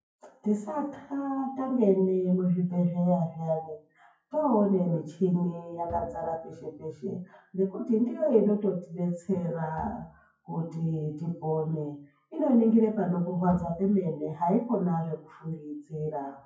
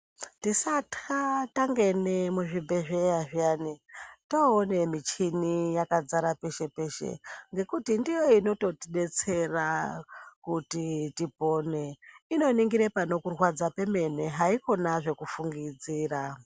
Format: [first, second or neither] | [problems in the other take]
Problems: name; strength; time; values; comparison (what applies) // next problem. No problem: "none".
second | noise reduction (classical method WPE with log-MMSE)